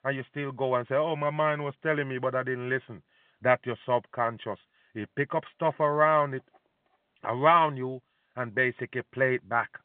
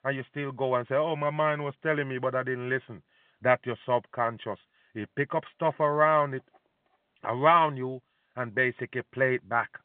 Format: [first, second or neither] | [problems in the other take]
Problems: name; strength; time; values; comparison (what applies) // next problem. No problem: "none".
neither | phone-call audio; the same in both